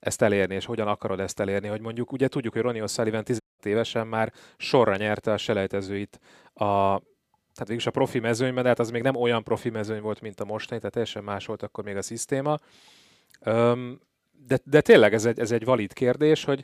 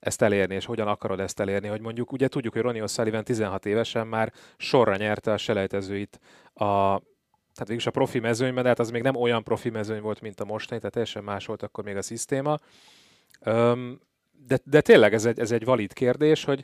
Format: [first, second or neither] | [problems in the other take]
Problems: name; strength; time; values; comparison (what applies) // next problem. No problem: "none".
second | audio cutting out; at 3.5 s